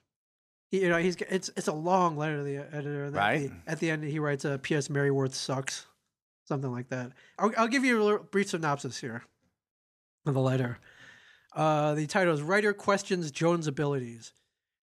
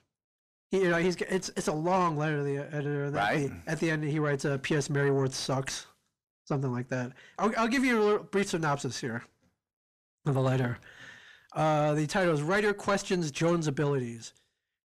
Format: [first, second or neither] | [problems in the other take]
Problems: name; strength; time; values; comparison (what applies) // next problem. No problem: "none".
first | distortion; slight; 9 dB below the speech